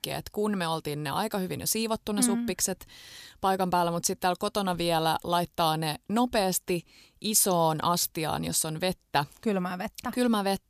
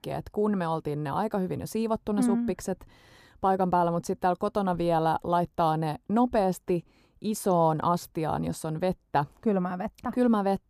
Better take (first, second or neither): first